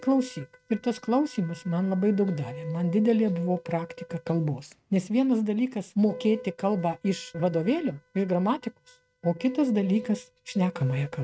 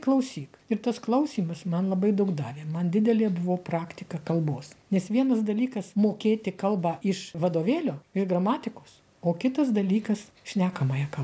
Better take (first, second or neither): second